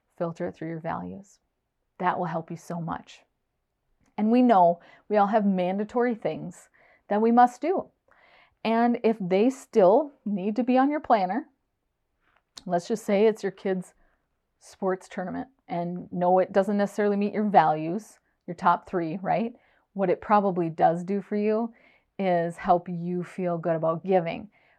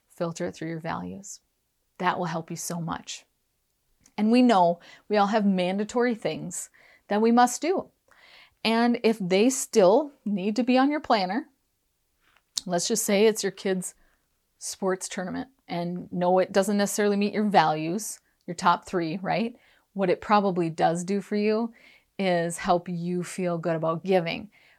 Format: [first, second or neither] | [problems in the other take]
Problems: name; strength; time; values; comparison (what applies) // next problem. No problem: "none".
second | muffled; very; fading above 3 kHz